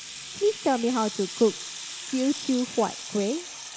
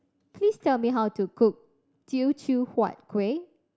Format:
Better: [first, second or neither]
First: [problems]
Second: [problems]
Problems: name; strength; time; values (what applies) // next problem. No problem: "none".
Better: second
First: background sound (Sink (filling or washing) / Water tap, faucet); 11 dB below the speech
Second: none